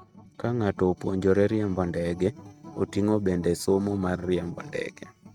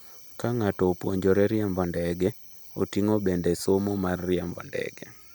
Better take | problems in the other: second | noise reduction (neural mask model RNNoise)

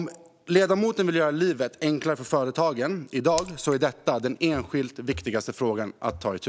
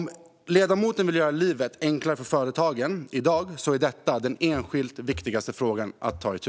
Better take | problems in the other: second | background sound (Raindrop / Splash, splatter); 15 dB below the speech

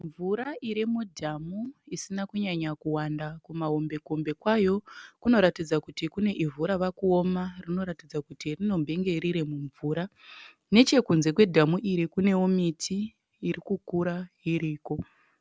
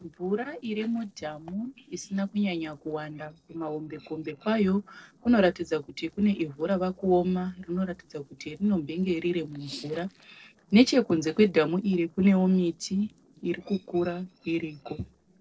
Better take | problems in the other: first | noise reduction (neural separator model SepFormer DNS4)

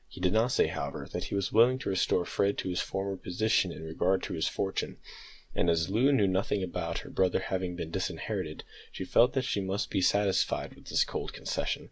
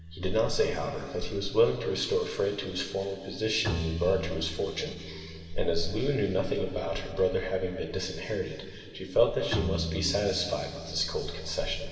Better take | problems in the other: first | background sound (Bowed string instrument); 11 dB below the speech // room echo; dies away in 2.5 s

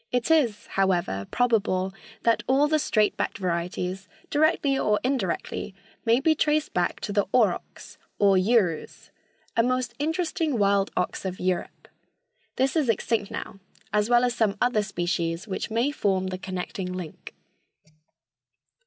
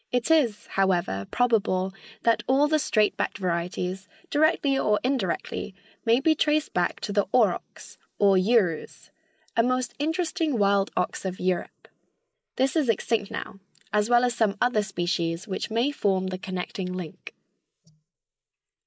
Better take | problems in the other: first | noise reduction (neural mask model Resemble Enhance denoiser)

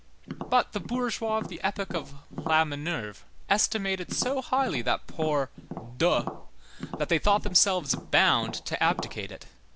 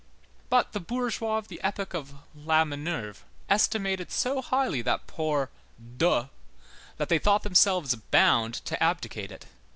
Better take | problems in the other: second | background sound (Tap); 12 dB below the speech

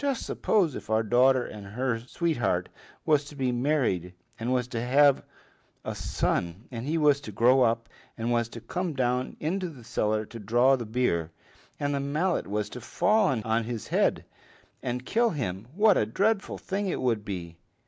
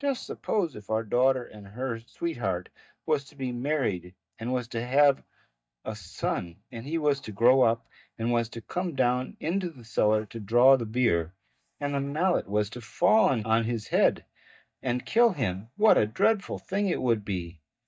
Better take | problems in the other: first | noise reduction (neural mask model DeepFilterNet 3)

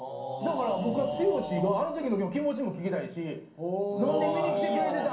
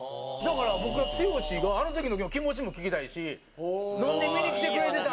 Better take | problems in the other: second | room echo; dies away in 0.6 s

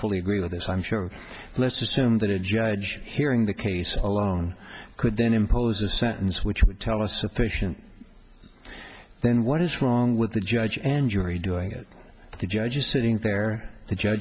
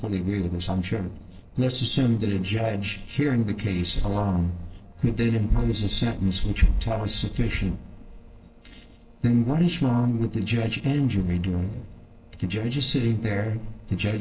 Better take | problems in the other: first | noise reduction (neural separator model SepFormer DNS4)

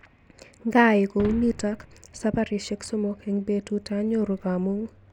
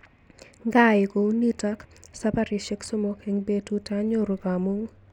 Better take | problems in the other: second | background sound (Boom); 14 dB below the speech

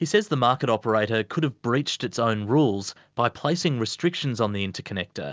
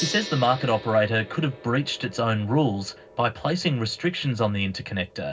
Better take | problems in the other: first | background sound (Gong); 15 dB below the speech // room echo; dies away in 0.4 s

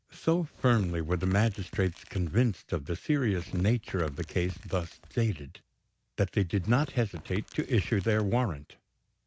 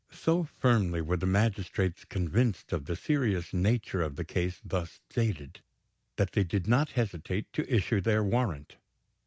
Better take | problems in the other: second | background sound (Tearing); 20 dB below the speech

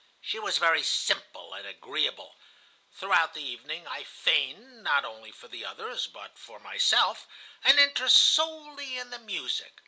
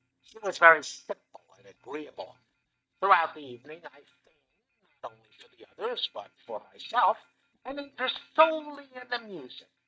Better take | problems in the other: first | noise reduction (neural mask model DeepFilterNet 3)

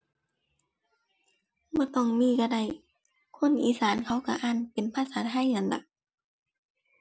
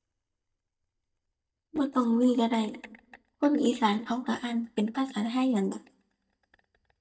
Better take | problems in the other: first | noise reduction (neural mask model DeepFilterNet 3)

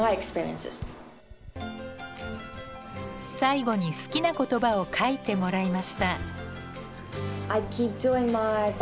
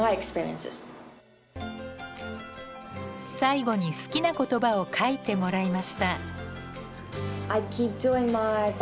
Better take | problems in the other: second | background sound (Writing); 19 dB below the speech

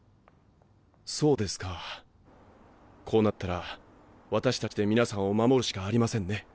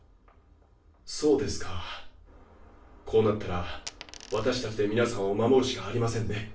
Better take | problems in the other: first | background sound (Coin (dropping)); 18 dB below the speech // room echo; dies away in 0.4 s

